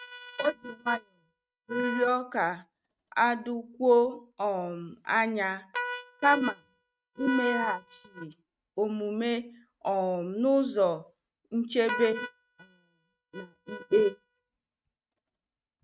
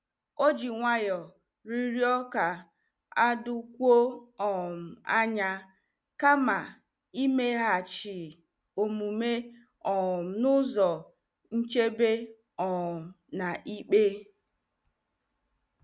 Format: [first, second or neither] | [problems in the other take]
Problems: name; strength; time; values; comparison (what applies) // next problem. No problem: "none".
second | noise reduction (neural mask model RNNoise)